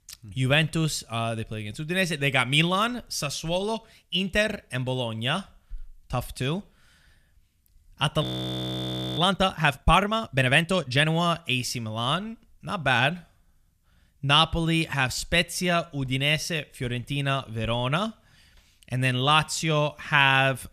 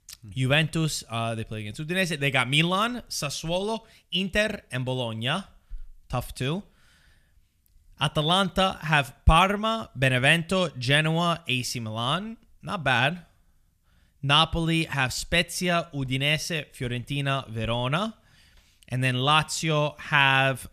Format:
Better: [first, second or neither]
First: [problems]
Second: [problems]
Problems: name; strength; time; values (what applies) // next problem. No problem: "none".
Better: second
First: audio freezing; at 8 s for 1 s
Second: none